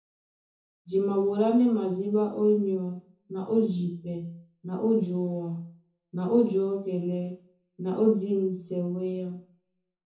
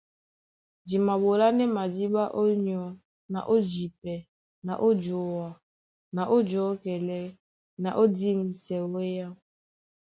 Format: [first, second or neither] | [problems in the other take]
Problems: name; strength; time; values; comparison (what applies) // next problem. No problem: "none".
second | room echo; dies away in 0.6 s